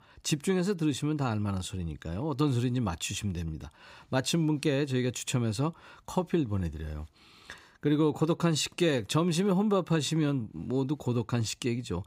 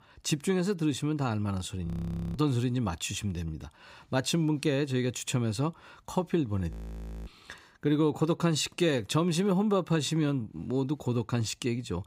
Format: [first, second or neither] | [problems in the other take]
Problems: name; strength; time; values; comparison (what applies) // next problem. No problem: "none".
first | audio freezing; at 2 s and at 6.5 s for 0.5 s